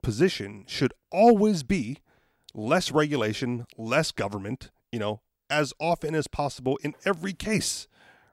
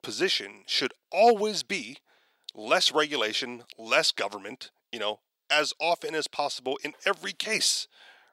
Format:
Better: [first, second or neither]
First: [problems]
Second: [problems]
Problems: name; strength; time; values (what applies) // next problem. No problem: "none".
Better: first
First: none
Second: thin; somewhat; fading below 450 Hz